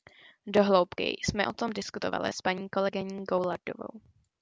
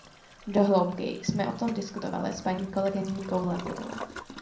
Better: first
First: none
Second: background sound (Toilet flush); 15 dB below the speech // room echo; dies away in 0.5 s

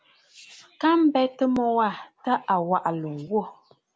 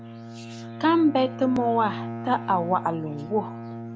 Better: first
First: none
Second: background sound (Bowed string instrument); 11 dB below the speech

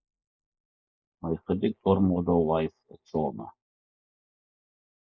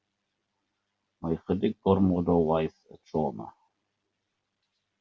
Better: second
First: noise reduction (neural mask model Resemble Enhance denoiser)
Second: none

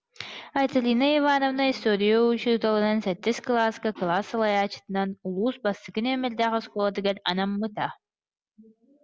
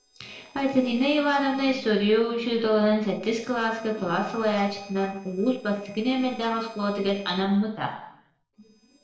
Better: first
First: none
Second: noise reduction (neural separator model SepFormer DNS4)

